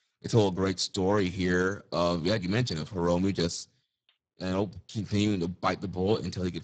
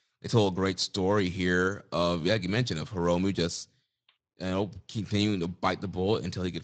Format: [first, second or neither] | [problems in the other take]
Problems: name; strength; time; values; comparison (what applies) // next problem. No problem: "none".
second | garbled, watery; badly; nothing above 8 kHz; slightly in the second